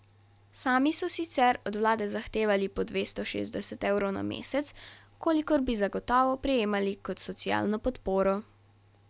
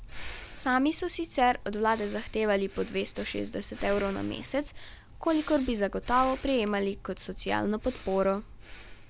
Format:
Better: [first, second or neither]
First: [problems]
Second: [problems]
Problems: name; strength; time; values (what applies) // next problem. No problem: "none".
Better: first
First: none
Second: background sound (Breathing); 13 dB below the speech